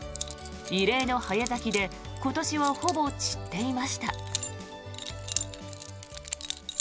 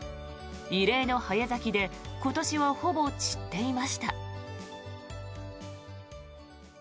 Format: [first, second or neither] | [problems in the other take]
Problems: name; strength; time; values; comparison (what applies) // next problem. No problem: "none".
second | background sound (Keys jangling); 9 dB below the speech